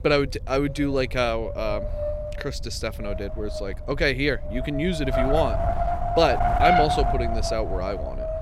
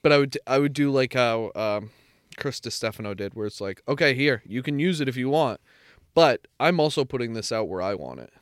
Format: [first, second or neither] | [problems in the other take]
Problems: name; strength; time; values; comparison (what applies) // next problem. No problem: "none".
second | wind noise on the microphone; heavy; 1 dB above the speech